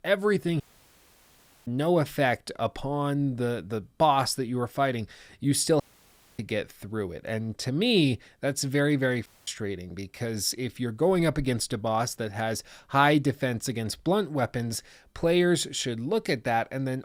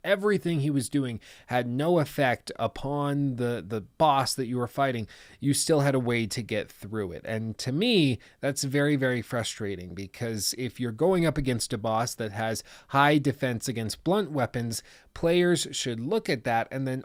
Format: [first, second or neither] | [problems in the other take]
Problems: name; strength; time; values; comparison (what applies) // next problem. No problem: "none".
second | audio cutting out; at 0.5 s for 1 s, at 6 s for 0.5 s and at 9.5 s